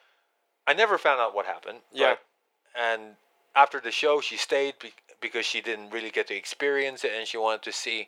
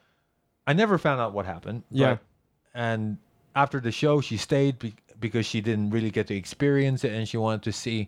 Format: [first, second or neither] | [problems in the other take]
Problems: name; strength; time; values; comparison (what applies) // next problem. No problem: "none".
second | thin; very; fading below 450 Hz